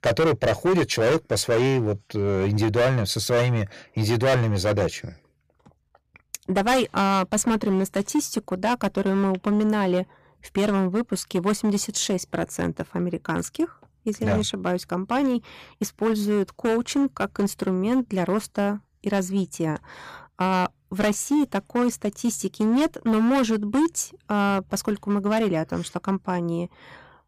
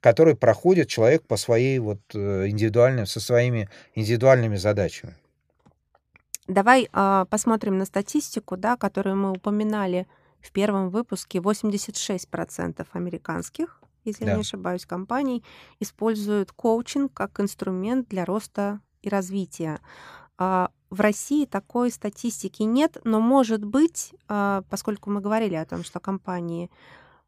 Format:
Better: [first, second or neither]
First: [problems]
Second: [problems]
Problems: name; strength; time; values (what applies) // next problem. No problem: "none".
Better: second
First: distortion; heavy; 11% of the sound clipped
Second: none